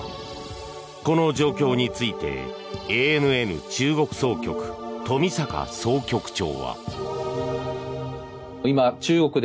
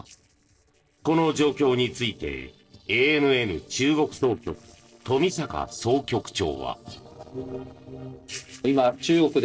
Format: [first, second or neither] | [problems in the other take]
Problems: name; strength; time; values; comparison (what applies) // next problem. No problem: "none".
first | noise reduction (neural separator model SepFormer DNS4)